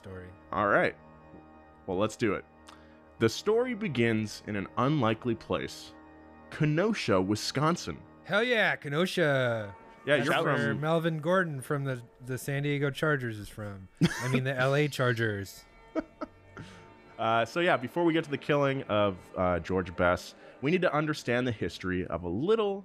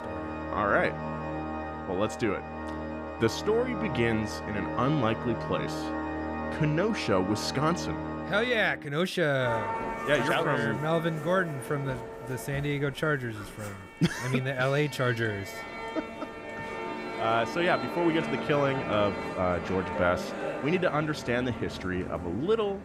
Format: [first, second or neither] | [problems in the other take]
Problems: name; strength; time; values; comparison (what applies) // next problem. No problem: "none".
first | background music; loud; throughout; 7 dB below the speech; faint in the first